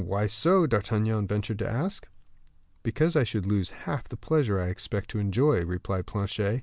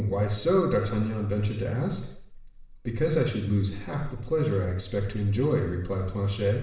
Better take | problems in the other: first | room echo; dies away in 0.7 s

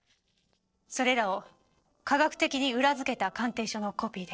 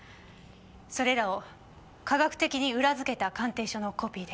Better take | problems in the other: second | noise reduction (neural separator model SepFormer DNS4)

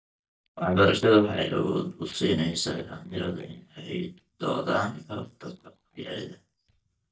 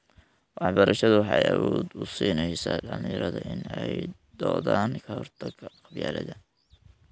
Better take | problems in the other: second | noise reduction (neural mask model DeepFilterNet 3)

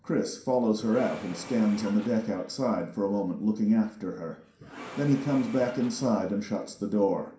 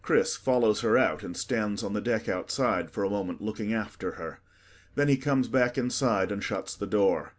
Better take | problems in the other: second | background sound (Engine / Mechanisms); 18 dB below the speech // room echo; dies away in 0.5 s

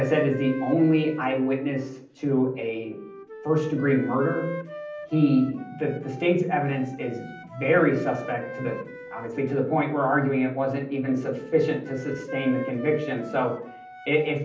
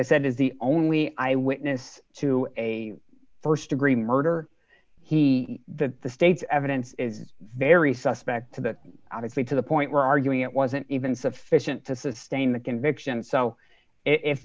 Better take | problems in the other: second | background sound (Wind instrument, woodwind instrument); 14 dB below the speech // room echo; dies away in 0.6 s

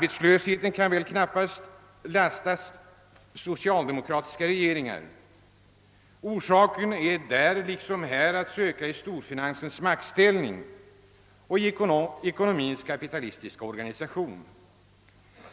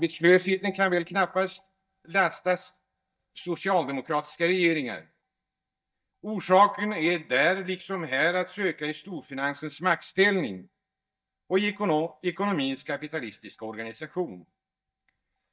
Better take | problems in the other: first | noise reduction (neural mask model DeepFilterNet 3)

